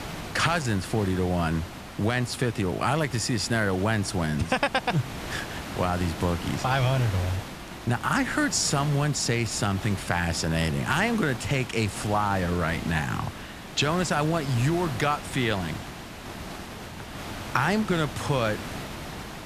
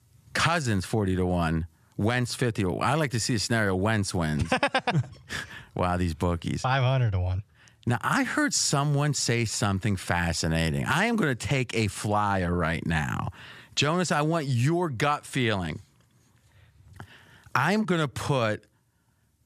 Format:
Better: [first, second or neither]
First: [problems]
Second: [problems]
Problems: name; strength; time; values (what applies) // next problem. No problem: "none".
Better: second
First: hiss; noticeable; throughout; 10 dB below the speech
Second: none